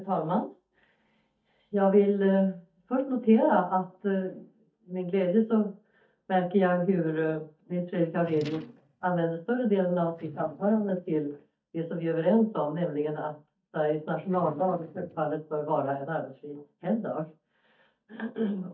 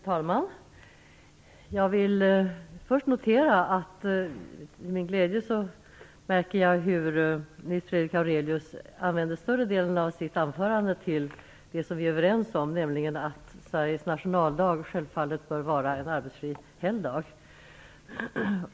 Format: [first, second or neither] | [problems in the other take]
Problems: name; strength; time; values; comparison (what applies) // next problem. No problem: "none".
second | noise reduction (neural mask model DeepFilterNet 3)